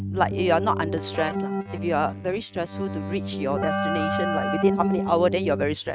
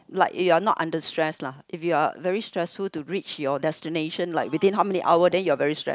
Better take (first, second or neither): second